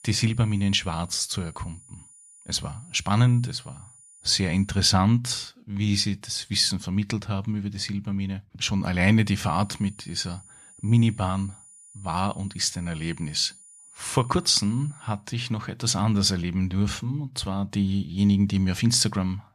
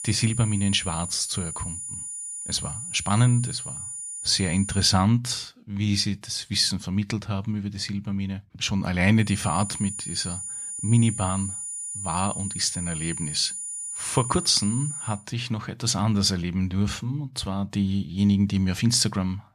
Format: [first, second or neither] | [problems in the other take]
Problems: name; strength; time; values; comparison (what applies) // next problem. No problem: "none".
first | high-pitched whine; loud; until 5 s and from 9.5 to 15 s; 9.5 kHz, 6 dB below the speech; faint in the first